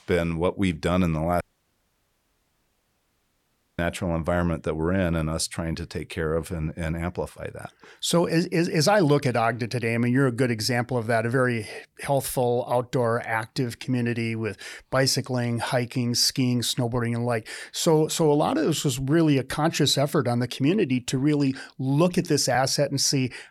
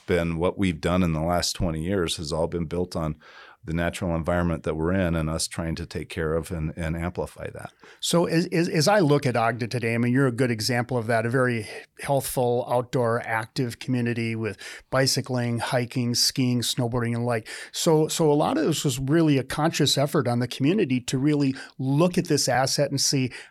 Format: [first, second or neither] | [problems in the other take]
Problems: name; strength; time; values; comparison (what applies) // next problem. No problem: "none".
second | audio cutting out; at 1.5 s for 2.5 s